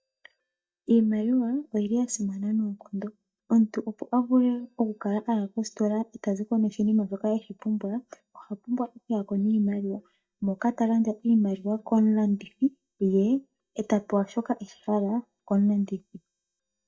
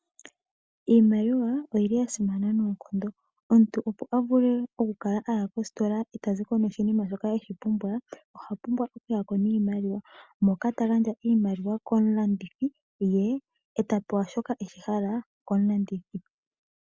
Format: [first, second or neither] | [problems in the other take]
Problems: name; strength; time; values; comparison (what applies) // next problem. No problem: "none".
second | noise reduction (neural mask model DeepFilterNet 3)